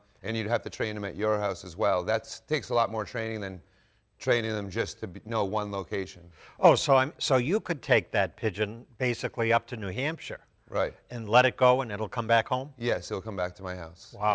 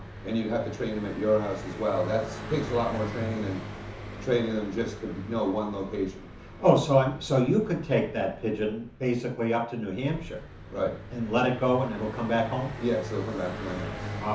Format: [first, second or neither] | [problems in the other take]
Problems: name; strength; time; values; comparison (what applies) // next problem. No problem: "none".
first | background sound (Car passing by); 11 dB below the speech // room echo; dies away in 0.9 s